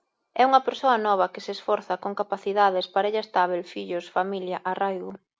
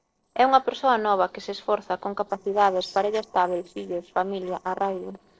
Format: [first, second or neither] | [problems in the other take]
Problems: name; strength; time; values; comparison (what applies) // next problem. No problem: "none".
first | noise reduction (neural separator model SepFormer DNS4)